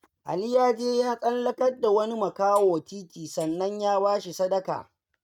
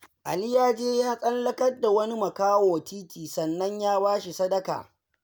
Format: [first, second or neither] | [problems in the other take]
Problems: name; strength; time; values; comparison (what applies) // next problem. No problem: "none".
second | noise reduction (neural mask model RNNoise)